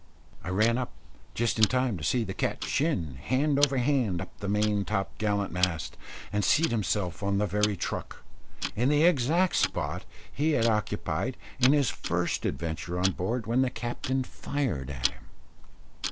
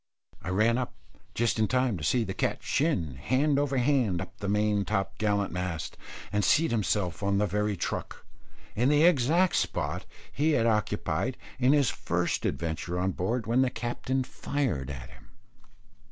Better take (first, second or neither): second